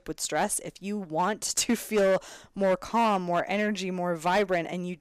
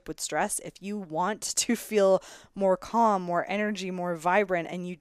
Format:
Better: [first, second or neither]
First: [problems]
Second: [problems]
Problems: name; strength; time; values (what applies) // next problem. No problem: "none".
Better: second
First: distortion; slight; 7% of the sound clipped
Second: none